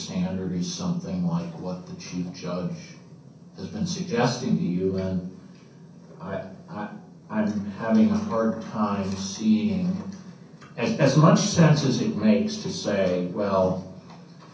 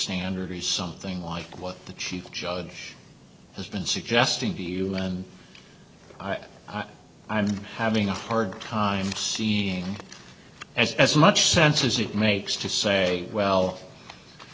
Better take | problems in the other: second | room echo; dies away in 0.6 s

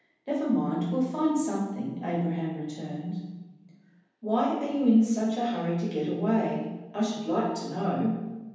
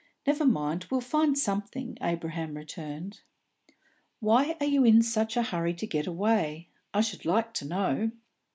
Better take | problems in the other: second | room echo; dies away in 1.1 s

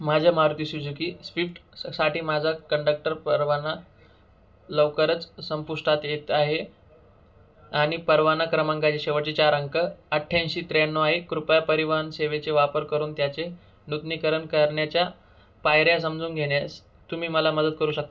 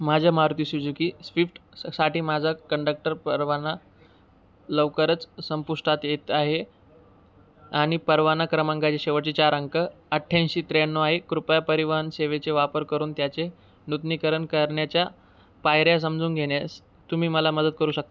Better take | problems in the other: second | room echo; dies away in 0.2 s

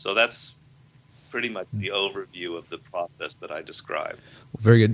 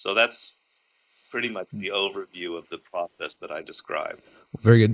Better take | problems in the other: first | noise reduction (neural mask model Resemble Enhance denoiser)

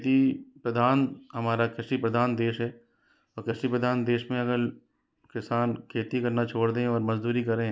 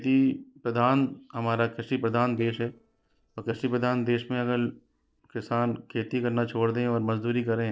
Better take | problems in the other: first | noise reduction (neural separator model SepFormer DNS4)

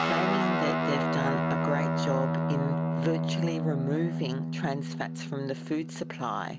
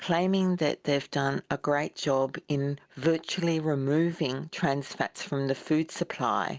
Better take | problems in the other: second | background sound (Guitar); 3 dB above the speech

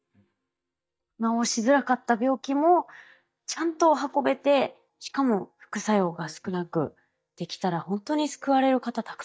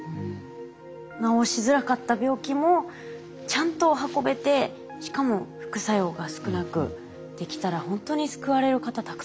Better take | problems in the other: second | noise reduction (neural mask model DeepFilterNet 3)

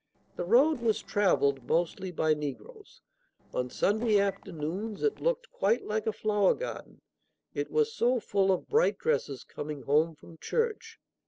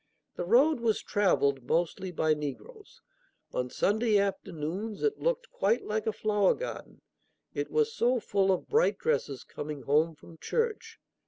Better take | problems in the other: second | noise reduction (neural separator model SepFormer DNS4)

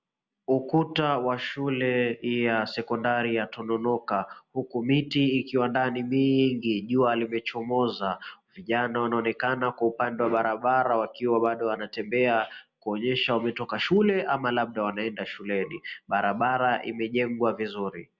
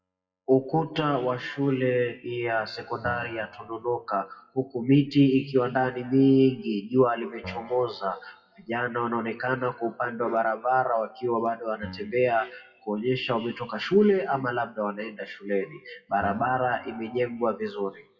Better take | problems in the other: first | noise reduction (classical method WPE with log-MMSE)

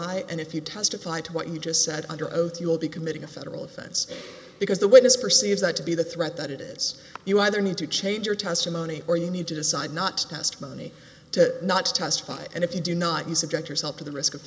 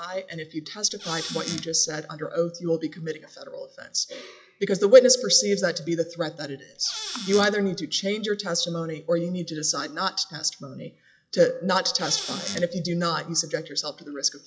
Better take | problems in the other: first | noise reduction (classical method log-MMSE)

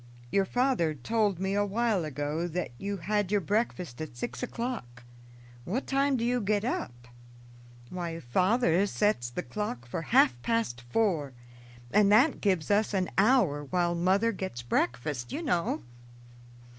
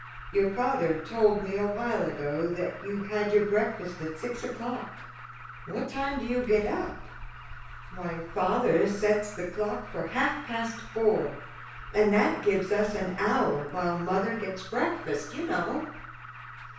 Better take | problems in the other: first | background sound (Alarm); 14 dB below the speech // room echo; dies away in 0.6 s

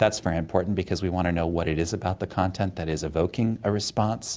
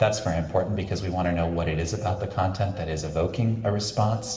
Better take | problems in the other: first | background sound (Bird vocalization, bird call, bird song); 20 dB below the speech // room echo; dies away in 1 s

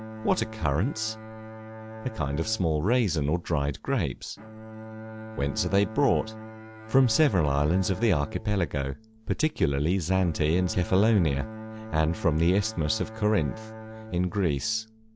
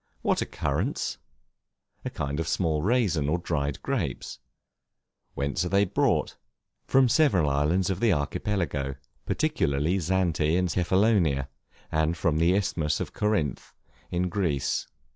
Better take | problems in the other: second | background sound (Bowed string instrument); 14 dB below the speech

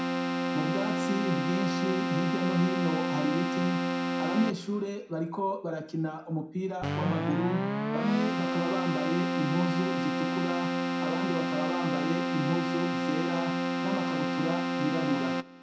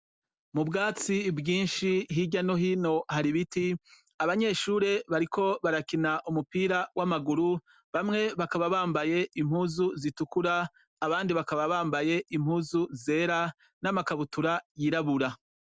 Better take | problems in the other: second | background sound (Keyboard (musical)); 2 dB above the speech // room echo; dies away in 0.5 s

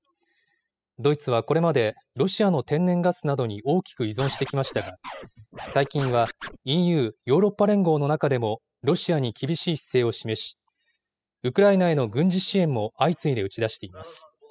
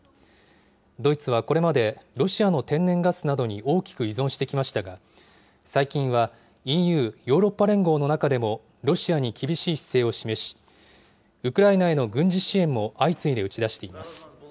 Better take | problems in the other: second | noise reduction (classical method spectral subtraction)

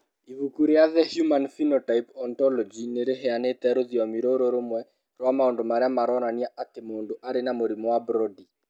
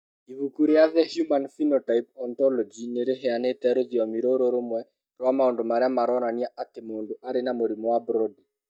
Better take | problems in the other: first | noise reduction (neural mask model DeepFilterNet 3)

